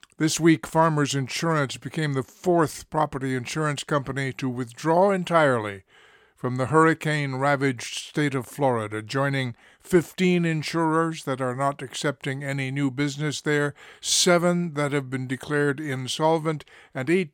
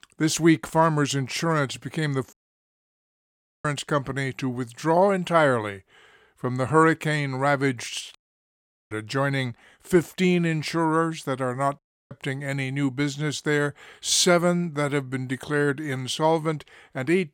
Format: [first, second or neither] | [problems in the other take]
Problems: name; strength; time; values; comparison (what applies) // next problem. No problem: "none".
first | audio cutting out; at 2.5 s for 1.5 s, at 8 s for 1 s and at 12 s